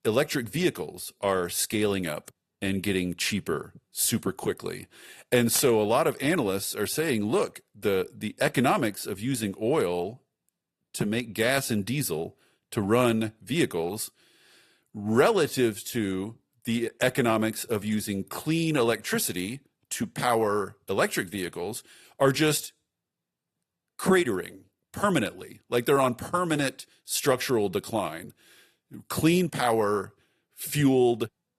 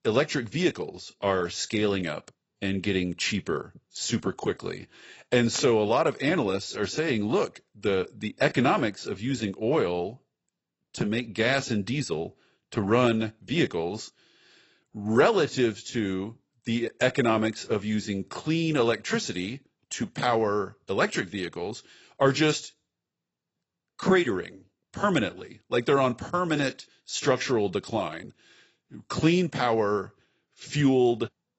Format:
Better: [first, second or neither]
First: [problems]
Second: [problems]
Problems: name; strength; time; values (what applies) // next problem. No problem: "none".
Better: first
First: garbled, watery; slightly; nothing above 13.5 kHz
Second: garbled, watery; badly; nothing above 8 kHz